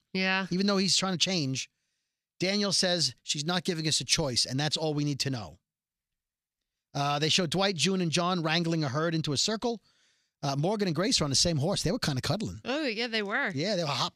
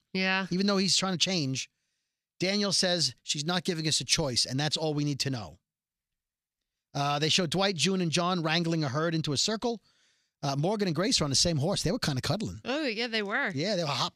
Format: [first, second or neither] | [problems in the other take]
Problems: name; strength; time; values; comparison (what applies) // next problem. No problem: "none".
neither | none